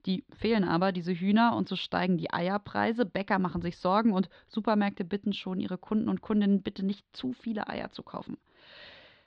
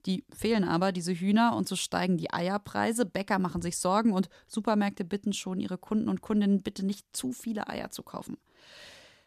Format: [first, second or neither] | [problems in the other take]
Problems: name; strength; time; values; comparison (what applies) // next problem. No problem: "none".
second | muffled; very slightly; fading above 4 kHz